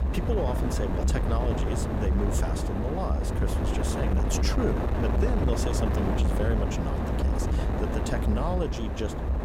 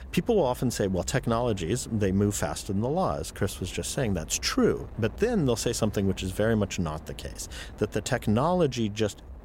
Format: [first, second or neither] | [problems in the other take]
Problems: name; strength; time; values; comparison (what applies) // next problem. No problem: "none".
second | wind noise on the microphone; heavy; 1 dB above the speech; occasional gusts in the second